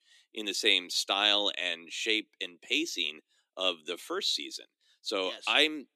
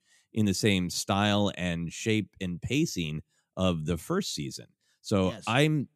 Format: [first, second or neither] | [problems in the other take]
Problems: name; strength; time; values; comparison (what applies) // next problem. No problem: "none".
second | thin; very; fading below 300 Hz